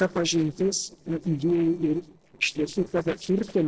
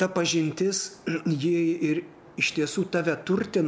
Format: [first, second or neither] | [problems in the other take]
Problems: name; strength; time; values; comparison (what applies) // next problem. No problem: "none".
second | noise reduction (neural separator model SepFormer DNS4)